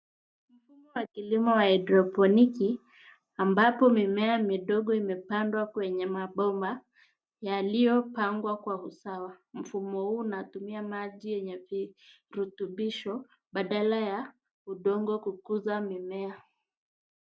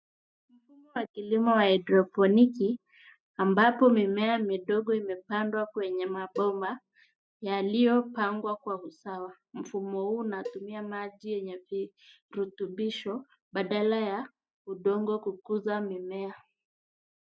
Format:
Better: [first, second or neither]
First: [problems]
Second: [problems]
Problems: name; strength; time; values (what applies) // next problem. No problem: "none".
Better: first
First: none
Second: noise reduction (classical method spectral subtraction)